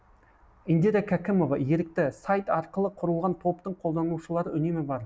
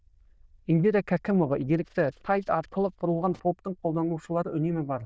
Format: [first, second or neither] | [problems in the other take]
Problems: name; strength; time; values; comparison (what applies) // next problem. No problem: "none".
first | noise reduction (neural diffusion model UNIVERSE++)